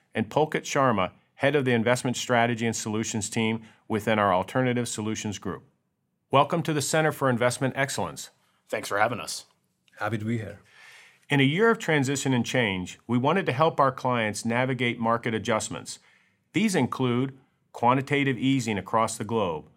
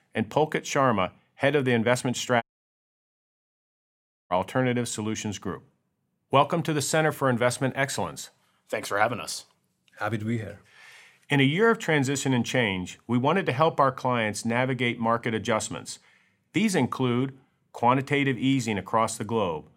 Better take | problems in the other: first | audio cutting out; at 2.5 s for 2 s

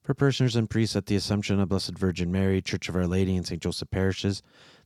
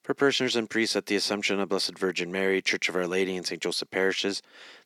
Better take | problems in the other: first | thin; somewhat; fading below 300 Hz

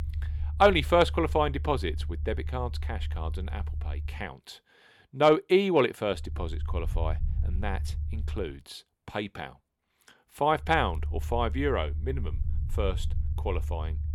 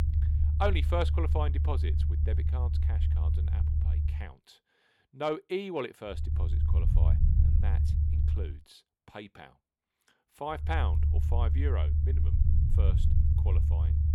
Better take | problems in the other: first | low rumble; loud; until 4 s, from 6 to 8.5 s and from 11 s on; 8 dB below the speech; faint in the first

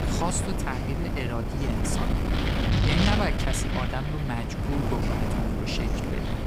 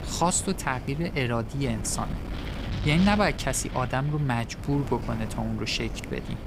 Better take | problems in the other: second | wind noise on the microphone; heavy; 2 dB above the speech; occasional gusts in the second

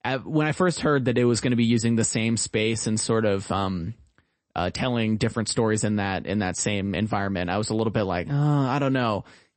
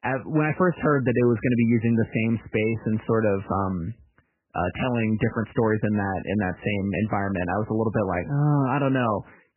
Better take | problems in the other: first | garbled, watery; badly; nothing above 3 kHz; slightly in the first

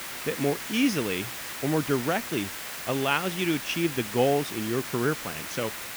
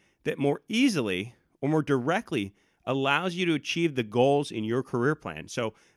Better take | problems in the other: second | hiss; loud; throughout; 6 dB below the speech

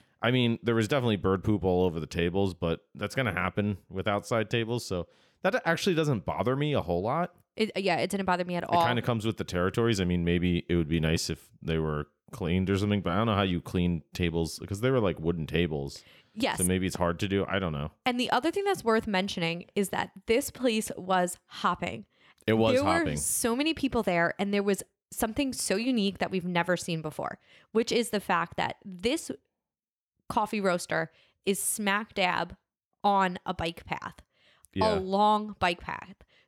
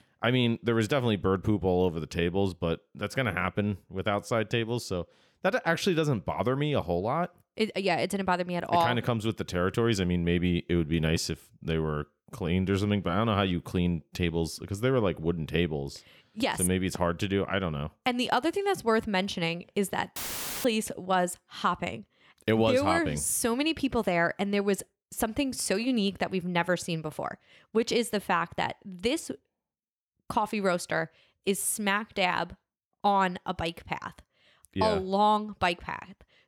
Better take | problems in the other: first | audio cutting out; filled with static; at 20 s

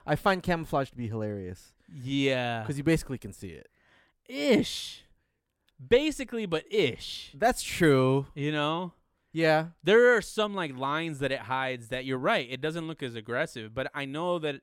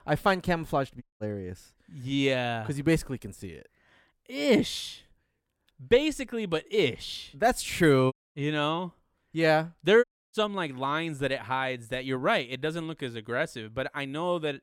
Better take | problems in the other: first | audio cutting out; at 1 s, at 8 s and at 10 s

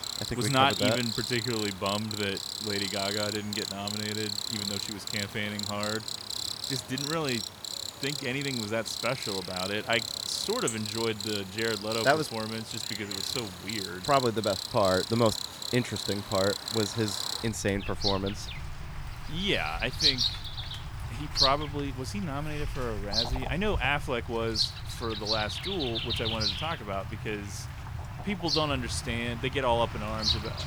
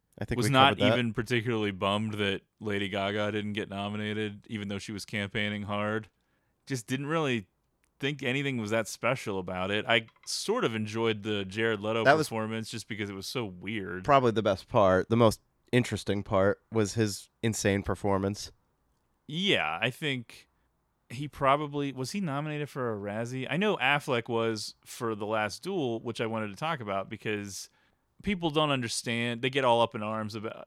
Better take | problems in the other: second | animal sounds; loud; throughout; 2 dB below the speech

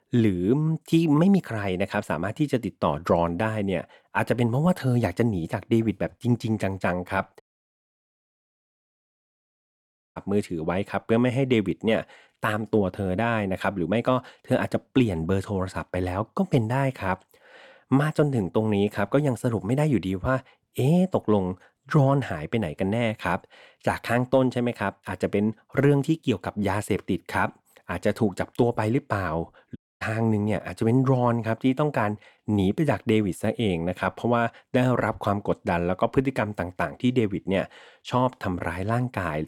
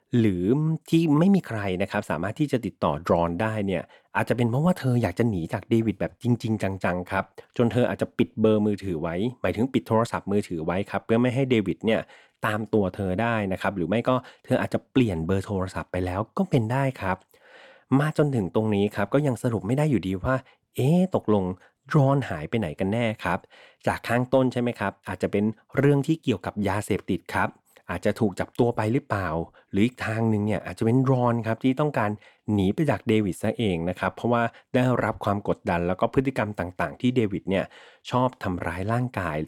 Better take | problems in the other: second | audio cutting out; at 7.5 s for 3 s and at 30 s

